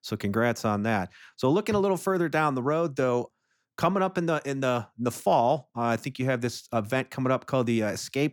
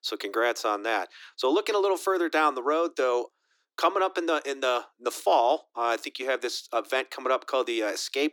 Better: first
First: none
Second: thin; very; fading below 300 Hz

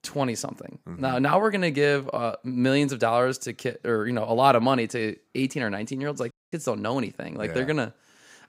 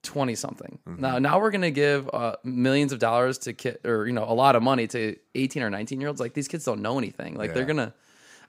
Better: second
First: audio cutting out; at 6.5 s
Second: none

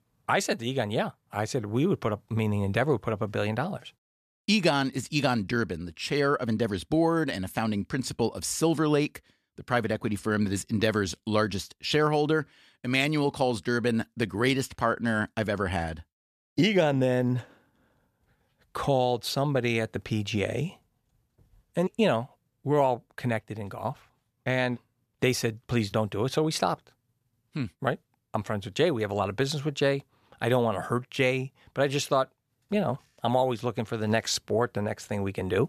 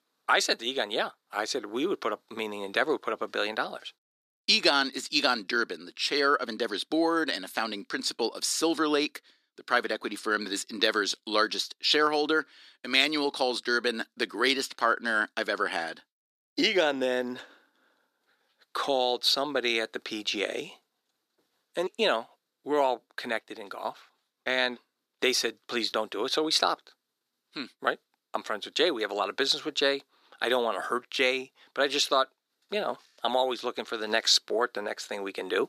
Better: first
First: none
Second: thin; somewhat; fading below 300 Hz

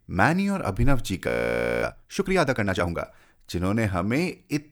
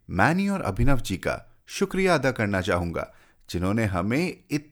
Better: second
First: audio freezing; at 1.5 s for 0.5 s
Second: none

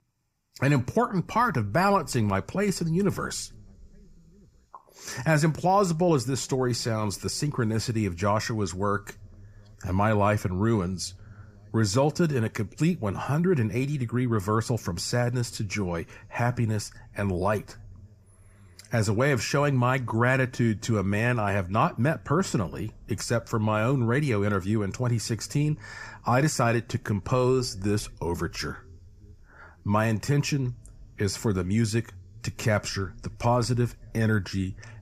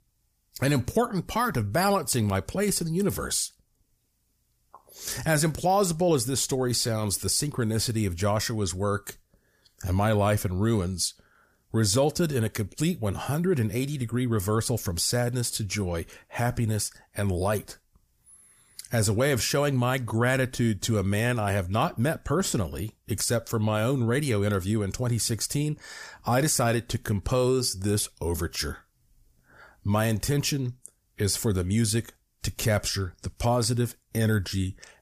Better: second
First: room echo; noticeable; dies away in 3 s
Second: none

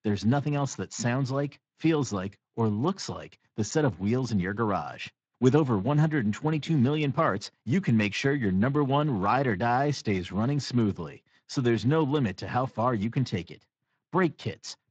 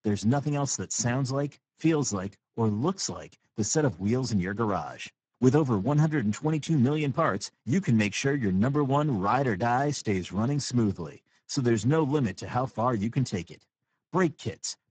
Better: first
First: garbled, watery; slightly; nothing above 7.5 kHz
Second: garbled, watery; badly; nothing above 7.5 kHz

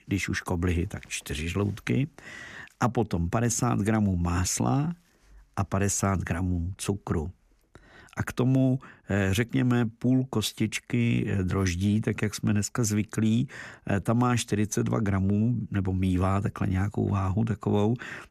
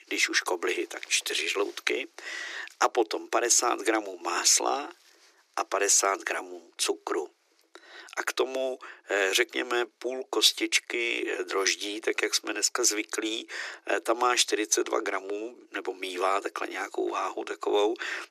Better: first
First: none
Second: thin; very; fading below 350 Hz

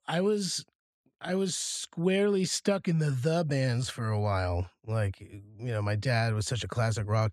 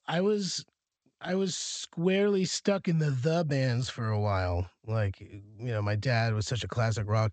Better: first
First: none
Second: garbled, watery; slightly; nothing above 8 kHz

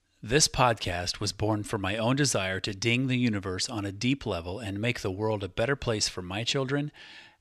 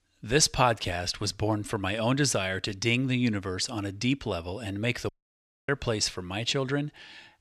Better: first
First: none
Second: audio cutting out; at 5 s for 0.5 s

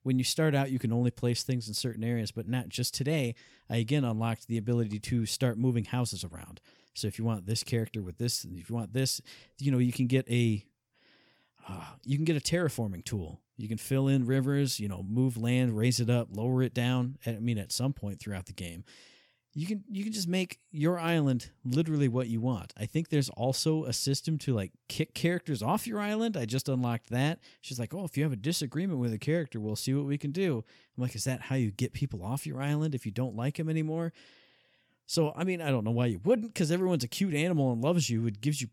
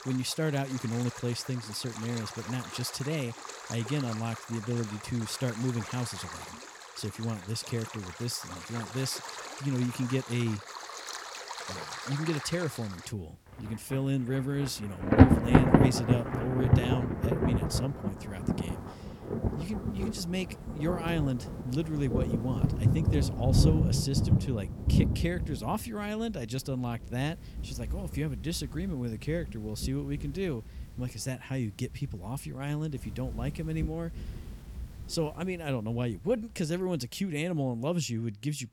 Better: first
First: none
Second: rain or running water; very loud; throughout; 2 dB above the speech

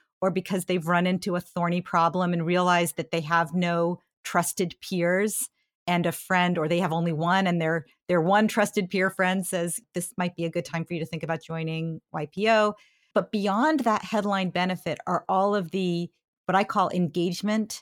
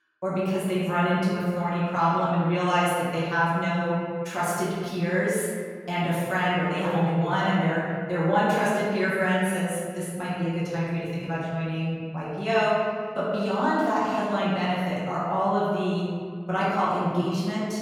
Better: first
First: none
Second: room echo; strong; dies away in 1.8 s // off-mic speech; far

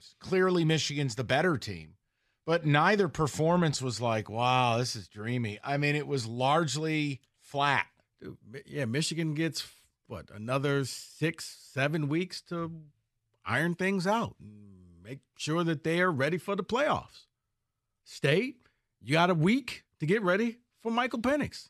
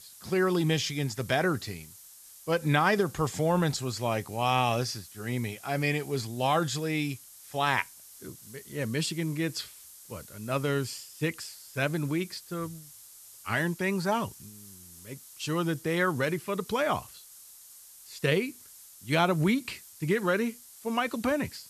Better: first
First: none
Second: hiss; noticeable; throughout; 20 dB below the speech

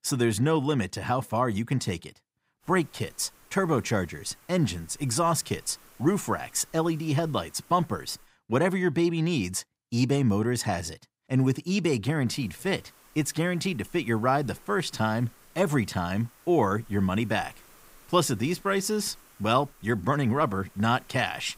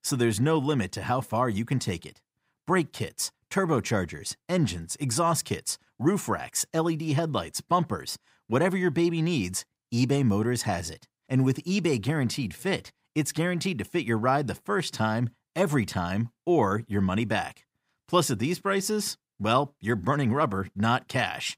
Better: second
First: hiss; faint; from 2.5 to 8.5 s and from 12 s on; 25 dB below the speech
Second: none

